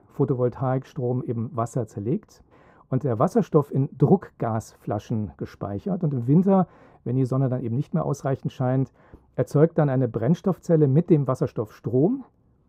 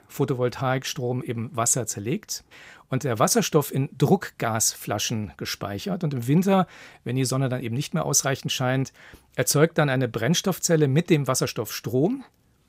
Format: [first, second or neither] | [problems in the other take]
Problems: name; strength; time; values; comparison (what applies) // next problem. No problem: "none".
second | muffled; very; fading above 1.5 kHz